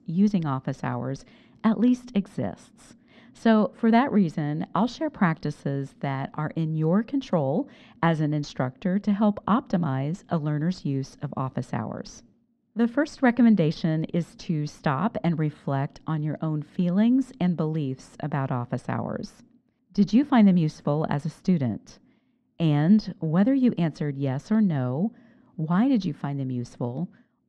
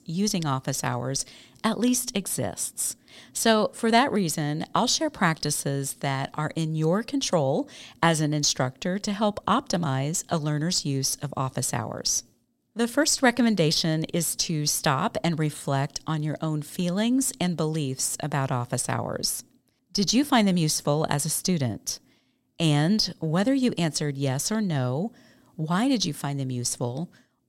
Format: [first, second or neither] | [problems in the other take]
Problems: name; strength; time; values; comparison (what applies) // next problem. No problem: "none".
second | muffled; very; fading above 2 kHz